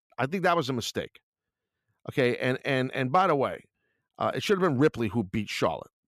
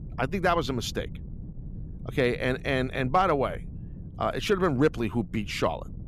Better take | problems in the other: first | wind noise on the microphone; occasional gusts; 25 dB below the speech

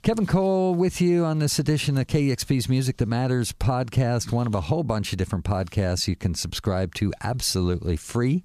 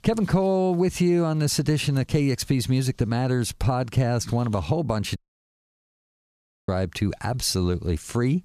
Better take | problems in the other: first | audio cutting out; at 5 s for 1.5 s

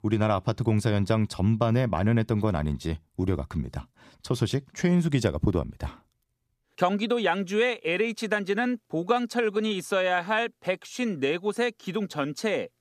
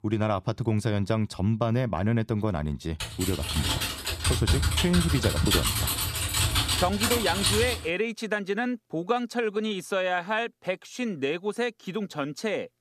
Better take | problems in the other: first | keyboard typing; loud; from 3 to 8 s; peak 5 dB above the speech

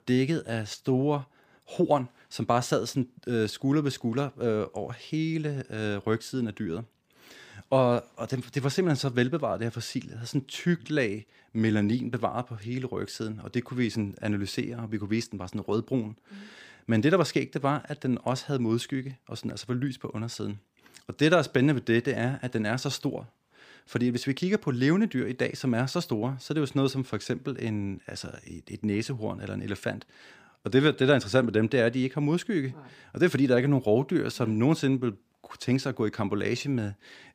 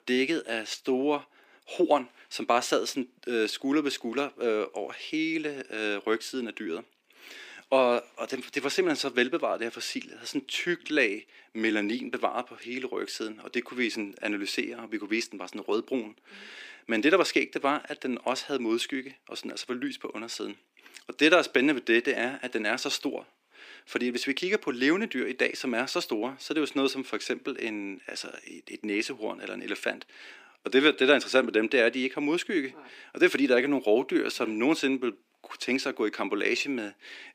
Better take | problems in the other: first | thin; very slightly; fading below 300 Hz

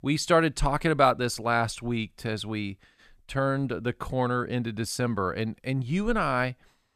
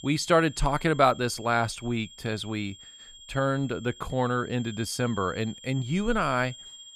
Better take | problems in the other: first | high-pitched whine; noticeable; throughout; 3 kHz, 20 dB below the speech

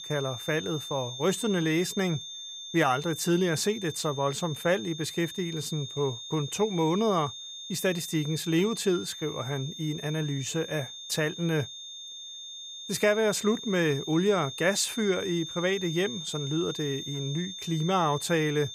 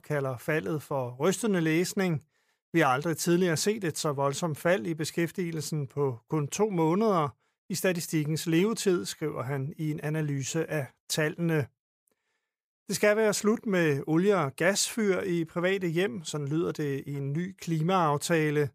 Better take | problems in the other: second | high-pitched whine; loud; throughout; 3.5 kHz, 9 dB below the speech

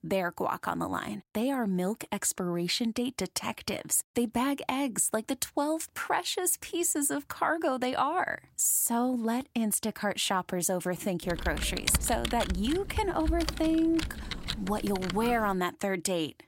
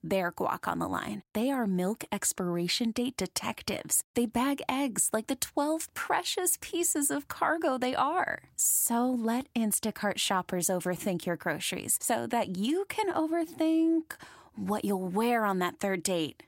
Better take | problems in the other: second | keyboard typing; noticeable; from 11 to 16 s; peak 1 dB below the speech

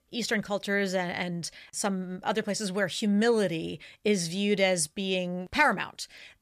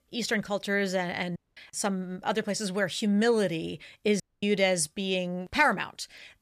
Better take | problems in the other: first | audio cutting out; at 1.5 s and at 4 s

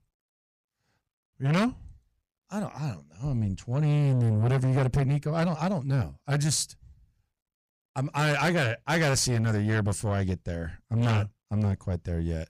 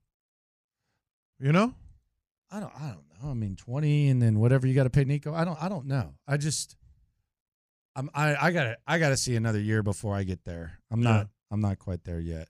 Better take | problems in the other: second | distortion; heavy; 7 dB below the speech

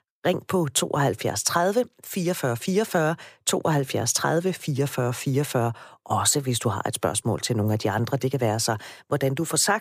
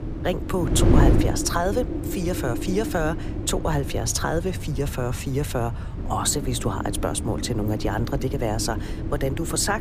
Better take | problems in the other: first | wind noise on the microphone; heavy; 6 dB below the speech

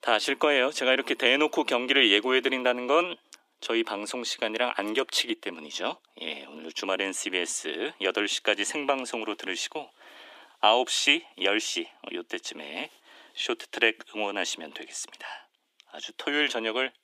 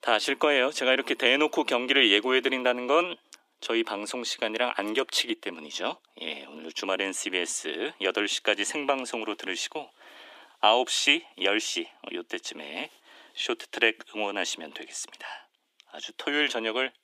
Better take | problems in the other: neither | thin; very; fading below 350 Hz; the same in both

